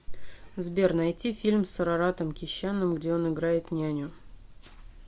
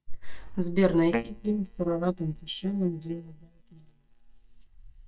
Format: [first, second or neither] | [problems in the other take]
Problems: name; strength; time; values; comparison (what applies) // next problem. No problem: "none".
first | noise reduction (neural mask model DeepFilterNet 3)